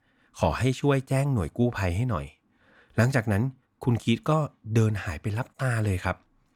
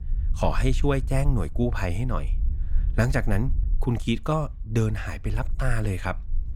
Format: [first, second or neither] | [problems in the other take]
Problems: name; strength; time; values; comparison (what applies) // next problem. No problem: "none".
first | low rumble; faint; throughout; 20 dB below the speech